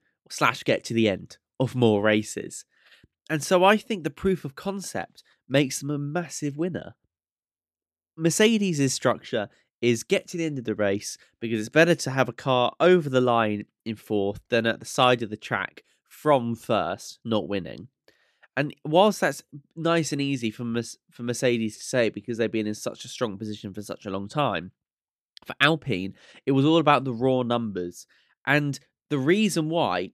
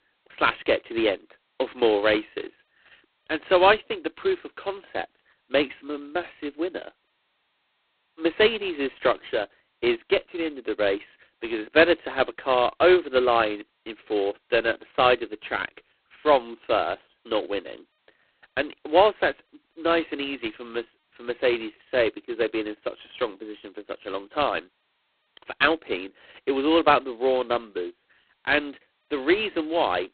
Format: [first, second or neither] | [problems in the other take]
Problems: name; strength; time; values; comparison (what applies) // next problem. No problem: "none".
first | phone-call audio; poor line; nothing above 4 kHz